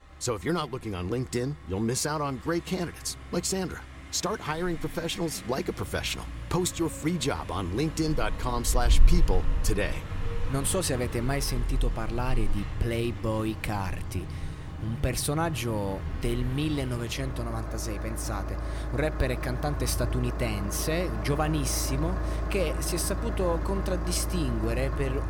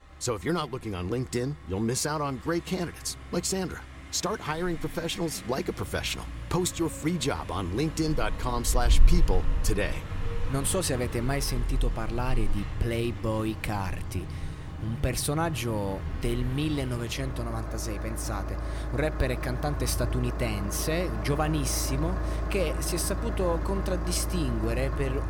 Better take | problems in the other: neither | traffic noise; loud; throughout; 3 dB below the speech; the same in both

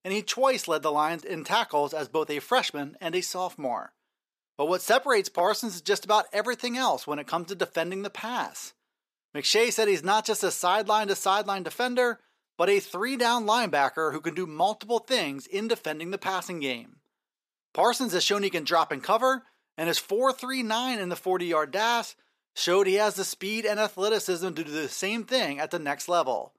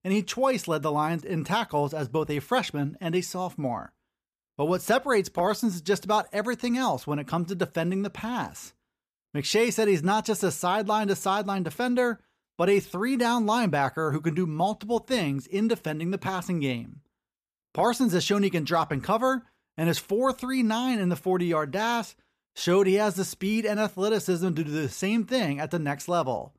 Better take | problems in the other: second | thin; somewhat; fading below 400 Hz

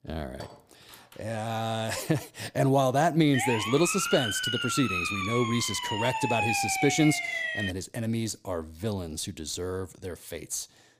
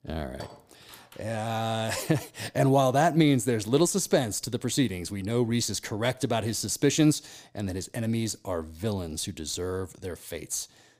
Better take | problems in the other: second | siren; loud; from 3.5 to 7.5 s; peak 1 dB above the speech

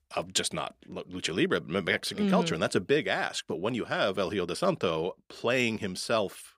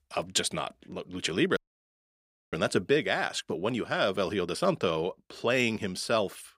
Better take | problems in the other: first | audio cutting out; at 1.5 s for 1 s

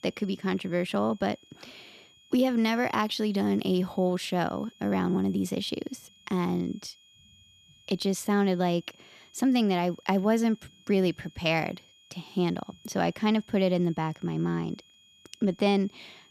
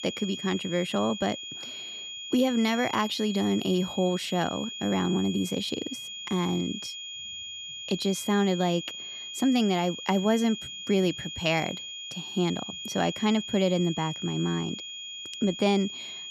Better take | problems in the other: first | high-pitched whine; loud; throughout; 3.5 kHz, 8 dB below the speech; faint in the first

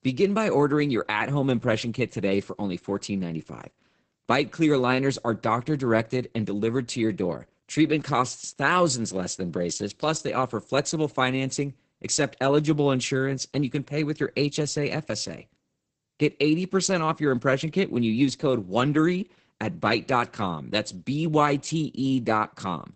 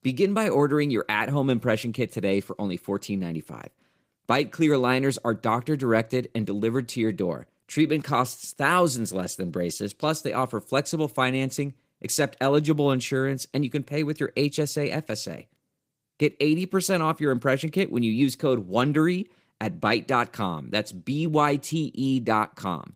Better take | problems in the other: second | garbled, watery; badly; nothing above 8 kHz; slightly in the second

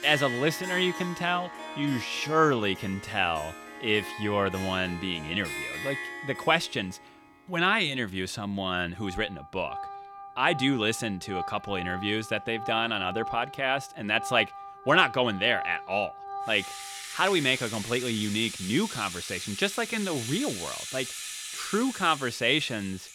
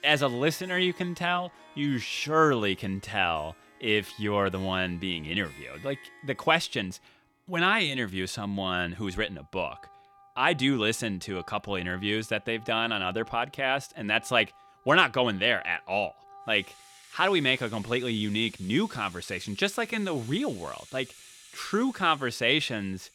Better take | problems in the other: second | background music; loud; throughout; 10 dB below the speech; faint in the second

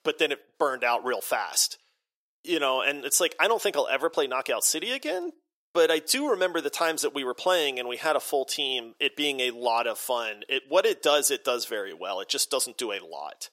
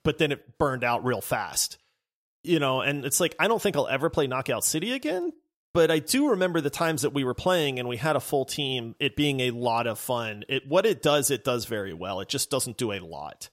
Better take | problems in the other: second | thin; somewhat; fading below 400 Hz

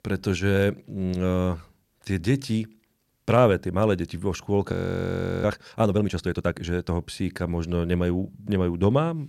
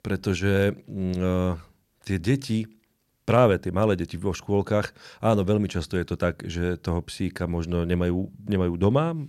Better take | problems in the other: second | audio freezing; at 4.5 s for 0.5 s

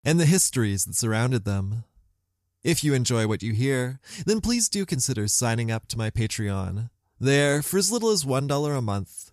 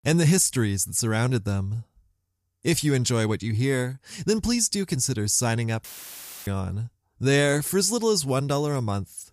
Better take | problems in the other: first | audio cutting out; filled with static; at 6 s for 0.5 s

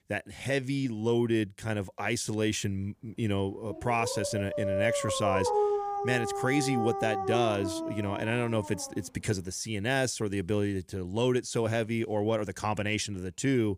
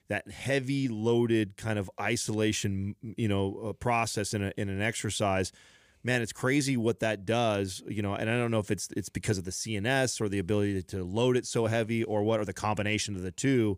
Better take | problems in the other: second | dog barking; loud; from 3.5 to 9 s; peak 3 dB above the speech

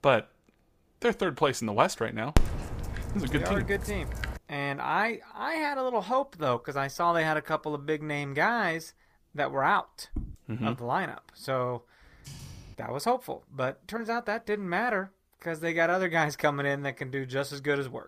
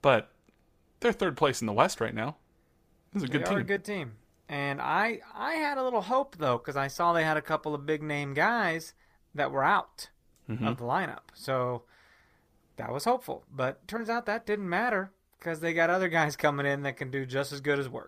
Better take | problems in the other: second | dog barking; loud; from 2.5 to 4.5 s; peak 1 dB above the speech // footsteps; faint; at 10 s; peak 10 dB below the speech // keyboard typing; faint; at 12 s; peak 15 dB below the speech

